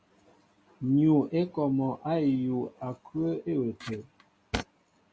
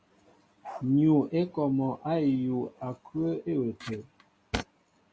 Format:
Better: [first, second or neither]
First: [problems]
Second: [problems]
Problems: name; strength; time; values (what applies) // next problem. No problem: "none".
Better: first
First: none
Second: background sound (Bark); 15 dB below the speech